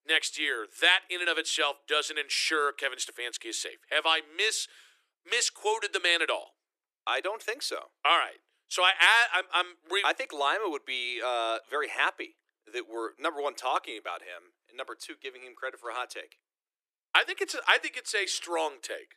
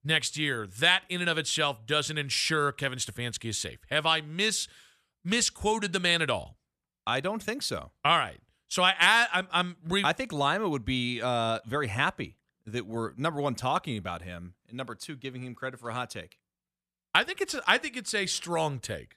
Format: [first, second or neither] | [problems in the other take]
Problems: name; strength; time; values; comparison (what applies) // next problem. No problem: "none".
second | thin; very; fading below 300 Hz